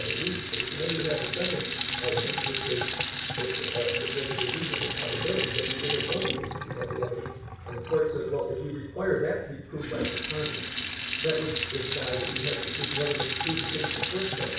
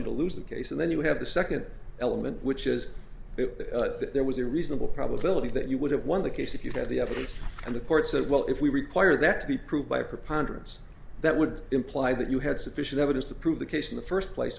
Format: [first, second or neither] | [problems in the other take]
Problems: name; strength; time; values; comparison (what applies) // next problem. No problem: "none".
second | background sound (Sink (filling or washing) / Water tap, faucet); as loud as the speech // room echo; dies away in 0.6 s